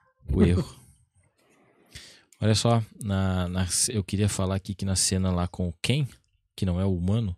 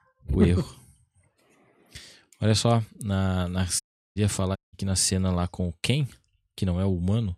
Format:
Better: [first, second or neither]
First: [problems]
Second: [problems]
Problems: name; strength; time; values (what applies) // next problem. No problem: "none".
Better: first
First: none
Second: audio cutting out; at 4 s and at 4.5 s